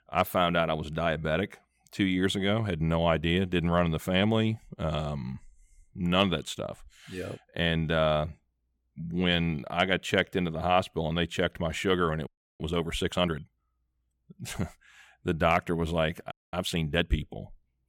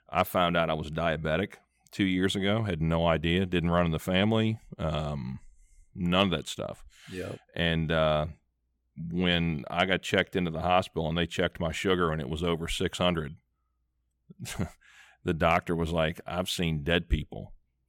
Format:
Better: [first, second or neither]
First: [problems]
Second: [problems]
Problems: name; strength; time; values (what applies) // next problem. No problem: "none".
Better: second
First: audio freezing; at 12 s and at 16 s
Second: none